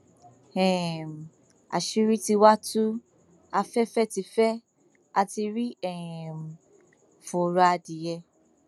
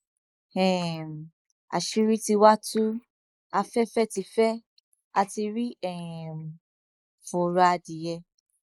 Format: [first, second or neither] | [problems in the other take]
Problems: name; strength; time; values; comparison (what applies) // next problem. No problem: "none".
first | noise reduction (neural mask model Resemble Enhance denoiser)